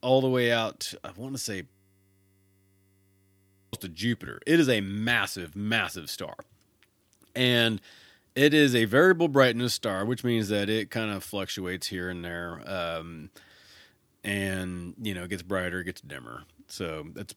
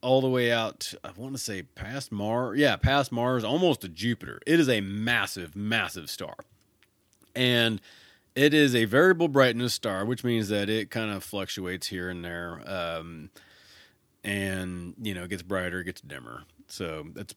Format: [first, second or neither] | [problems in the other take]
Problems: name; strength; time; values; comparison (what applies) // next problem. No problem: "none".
second | audio freezing; at 1.5 s for 2 s